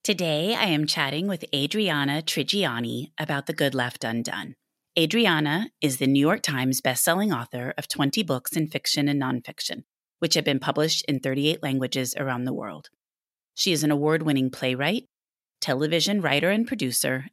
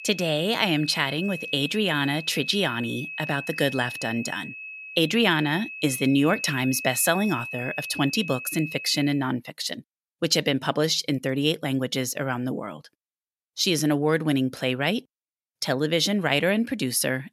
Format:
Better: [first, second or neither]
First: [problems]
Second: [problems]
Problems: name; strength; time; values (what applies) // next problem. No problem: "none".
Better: first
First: none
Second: high-pitched whine; loud; until 9 s; 2.5 kHz, 10 dB below the speech